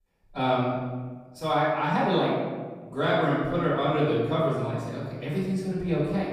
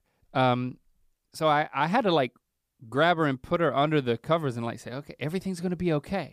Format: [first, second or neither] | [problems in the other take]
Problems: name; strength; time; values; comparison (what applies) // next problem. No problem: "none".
second | room echo; strong; dies away in 1.4 s // off-mic speech; far